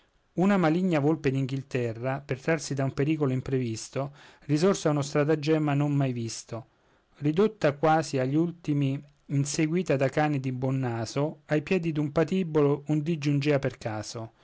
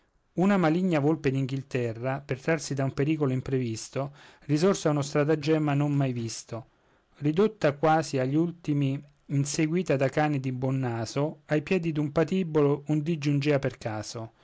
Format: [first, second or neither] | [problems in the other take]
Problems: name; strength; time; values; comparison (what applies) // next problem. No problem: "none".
first | noise reduction (neural mask model Resemble Enhance denoiser)